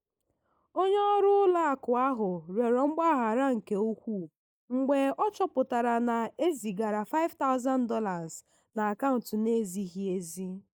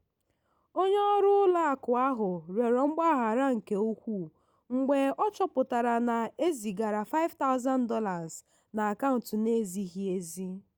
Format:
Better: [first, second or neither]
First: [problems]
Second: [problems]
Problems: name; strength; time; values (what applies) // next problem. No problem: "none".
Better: second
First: noise reduction (neural mask model Resemble Enhance denoiser)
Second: none